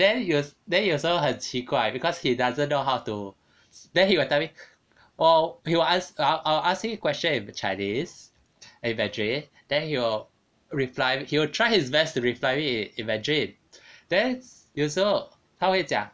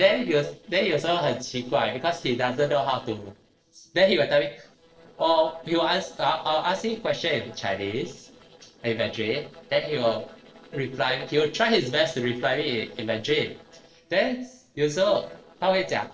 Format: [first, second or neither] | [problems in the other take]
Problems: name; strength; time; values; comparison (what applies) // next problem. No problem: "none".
first | noise reduction (neural separator model SepFormer DNS4)